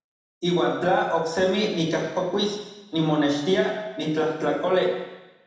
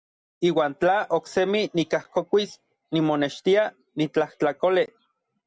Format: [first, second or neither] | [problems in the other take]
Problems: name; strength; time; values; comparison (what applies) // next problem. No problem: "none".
second | room echo; dies away in 1.1 s